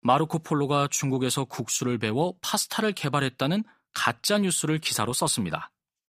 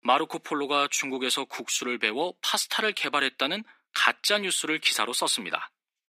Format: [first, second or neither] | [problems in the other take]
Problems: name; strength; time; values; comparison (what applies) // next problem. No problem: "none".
first | thin; somewhat; fading below 250 Hz